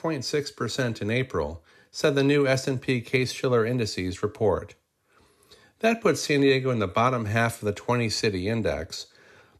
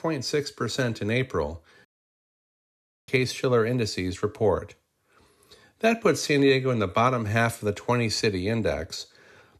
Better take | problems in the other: first | audio cutting out; at 2 s for 1 s

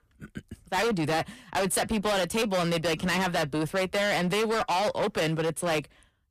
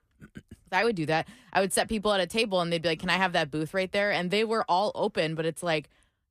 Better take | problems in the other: second | distortion; heavy; 24% of the sound clipped

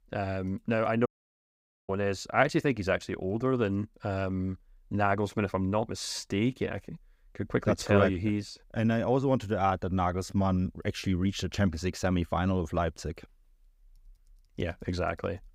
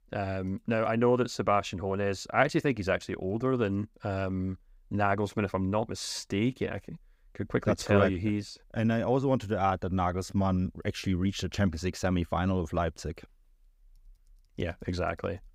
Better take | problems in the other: second | audio cutting out; at 1 s for 1 s

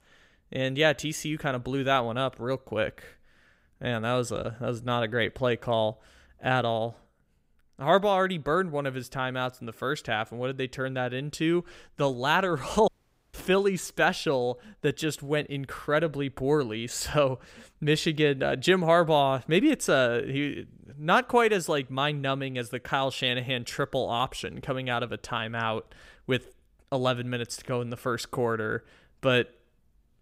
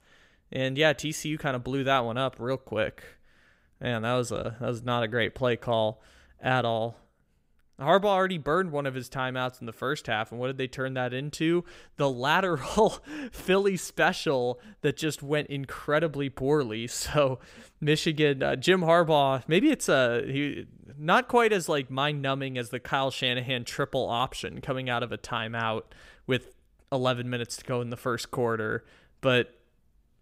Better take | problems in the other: second | audio cutting out; at 13 s

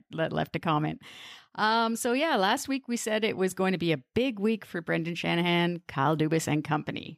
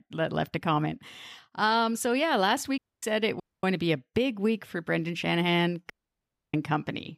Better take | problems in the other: first | audio cutting out; at 3 s, at 3.5 s and at 6 s for 0.5 s

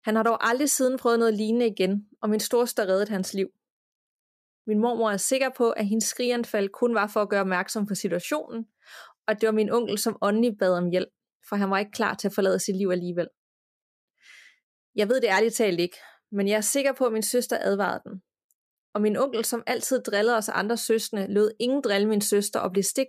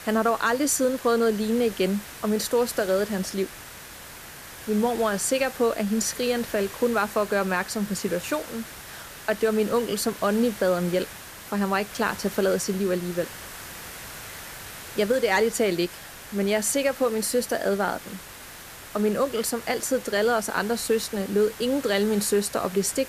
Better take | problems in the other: first | hiss; noticeable; throughout; 15 dB below the speech

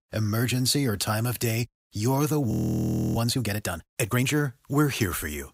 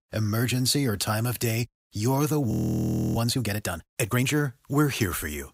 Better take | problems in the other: neither | audio freezing; at 2.5 s for 0.5 s; the same in both

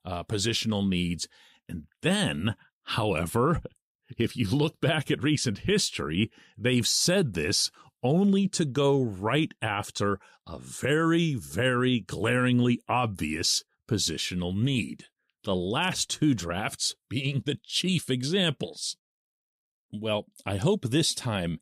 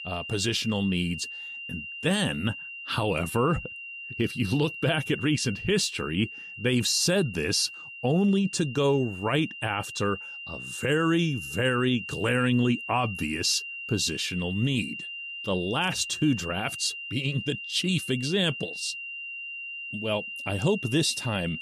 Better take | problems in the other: first | high-pitched whine; loud; throughout; 3 kHz, 9 dB below the speech

